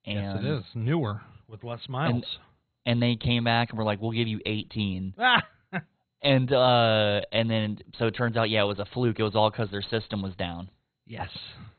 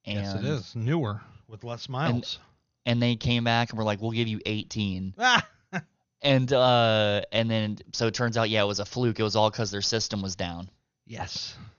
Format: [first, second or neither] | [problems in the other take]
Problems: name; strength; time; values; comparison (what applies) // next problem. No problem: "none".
second | garbled, watery; badly; nothing above 4 kHz; slightly in the second